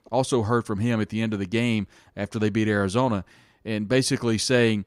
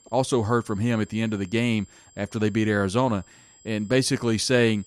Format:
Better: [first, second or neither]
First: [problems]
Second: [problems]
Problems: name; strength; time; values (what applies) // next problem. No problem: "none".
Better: first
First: none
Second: high-pitched whine; faint; throughout; 7.5 kHz, 30 dB below the speech